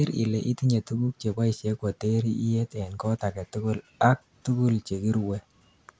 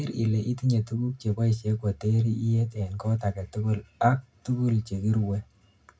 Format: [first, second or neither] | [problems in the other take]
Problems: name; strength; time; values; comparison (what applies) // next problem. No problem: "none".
first | room echo; dies away in 0.2 s